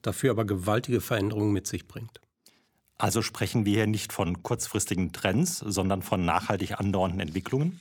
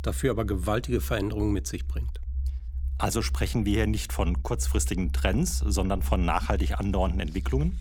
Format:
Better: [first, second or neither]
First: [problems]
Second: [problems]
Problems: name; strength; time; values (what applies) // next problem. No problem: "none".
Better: first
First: none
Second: low rumble; faint; throughout; 20 dB below the speech